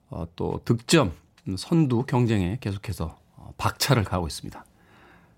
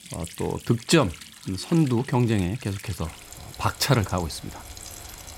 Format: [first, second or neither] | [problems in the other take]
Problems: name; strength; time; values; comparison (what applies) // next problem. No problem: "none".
first | household noises; noticeable; throughout; 15 dB below the speech